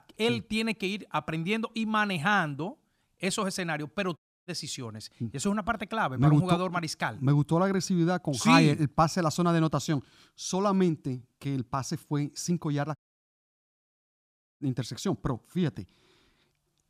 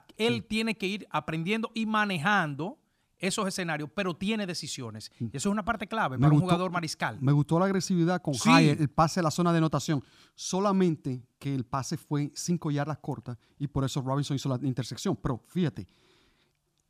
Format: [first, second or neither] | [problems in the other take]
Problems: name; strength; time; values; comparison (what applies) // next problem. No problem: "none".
second | audio cutting out; at 4 s and at 13 s for 1.5 s